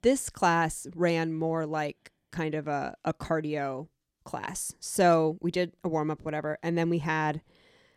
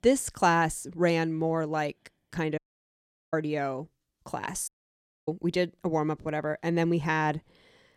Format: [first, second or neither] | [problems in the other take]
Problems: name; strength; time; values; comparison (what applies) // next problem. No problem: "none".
first | audio cutting out; at 2.5 s for 0.5 s and at 4.5 s for 0.5 s